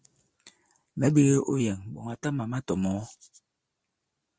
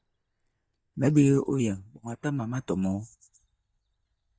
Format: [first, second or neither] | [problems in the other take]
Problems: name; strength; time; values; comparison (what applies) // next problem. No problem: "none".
first | noise reduction (neural mask model DeepFilterNet 3)